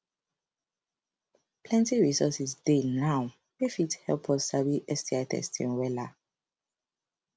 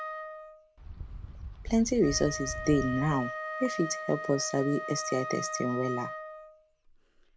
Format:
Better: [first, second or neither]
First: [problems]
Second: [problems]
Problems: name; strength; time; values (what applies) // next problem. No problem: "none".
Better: first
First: none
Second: background sound (Wind + Wind instrument, woodwind instrument); 7 dB below the speech